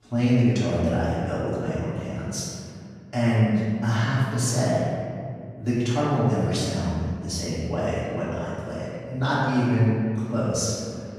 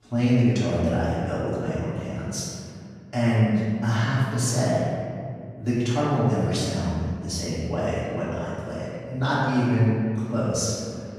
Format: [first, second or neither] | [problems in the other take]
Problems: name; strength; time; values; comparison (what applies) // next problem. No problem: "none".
neither | room echo; strong; dies away in 2.1 s; the same in both // off-mic speech; far; the same in both